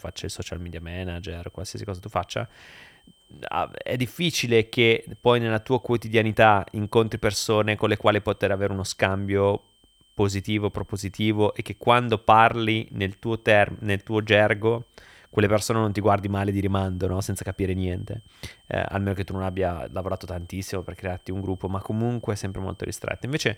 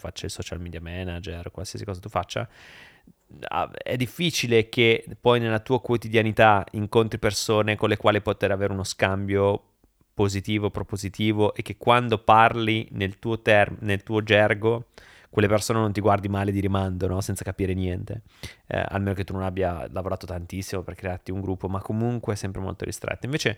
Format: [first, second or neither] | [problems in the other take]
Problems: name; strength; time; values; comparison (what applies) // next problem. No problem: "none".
second | high-pitched whine; faint; throughout; 3 kHz, 35 dB below the speech